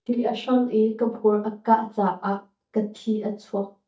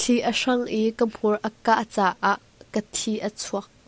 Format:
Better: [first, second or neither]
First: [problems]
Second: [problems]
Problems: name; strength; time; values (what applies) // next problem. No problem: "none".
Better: second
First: noise reduction (neural mask model DeepFilterNet 3)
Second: none